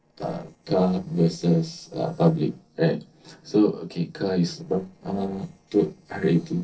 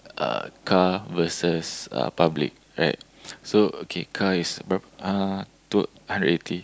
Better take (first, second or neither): second